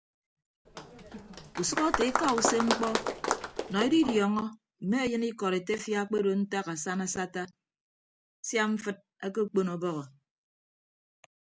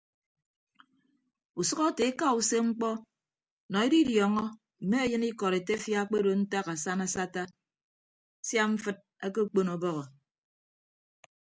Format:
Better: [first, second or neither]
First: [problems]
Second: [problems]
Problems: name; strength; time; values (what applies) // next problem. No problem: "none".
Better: second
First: background sound (Applause); 2 dB below the speech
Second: none